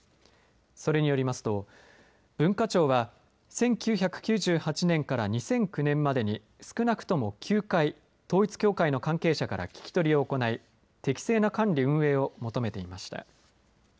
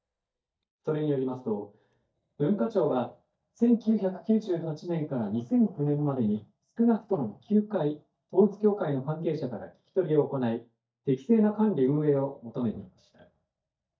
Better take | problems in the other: first | noise reduction (neural mask model DeepFilterNet 3)

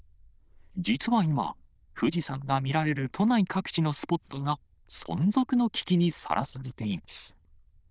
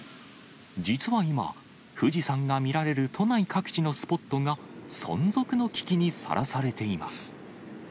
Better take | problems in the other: second | noise reduction (neural diffusion model UNIVERSE++)

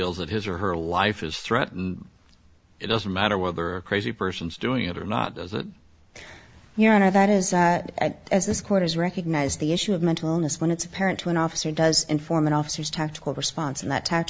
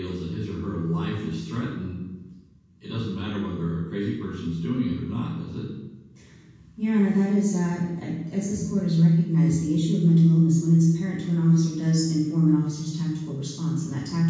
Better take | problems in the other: first | room echo; dies away in 1.2 s

